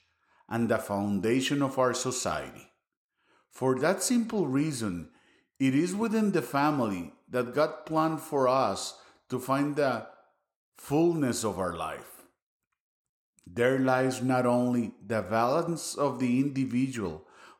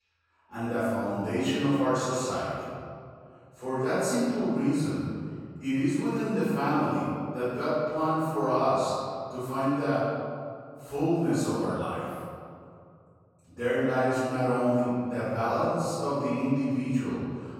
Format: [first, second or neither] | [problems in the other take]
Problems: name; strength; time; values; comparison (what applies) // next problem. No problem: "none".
first | off-mic speech; far // room echo; strong; dies away in 2.1 s